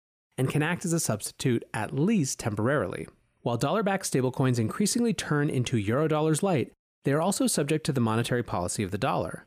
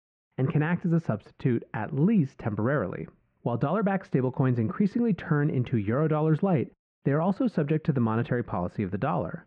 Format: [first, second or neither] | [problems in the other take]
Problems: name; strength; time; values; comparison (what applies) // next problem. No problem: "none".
first | muffled; very; fading above 2 kHz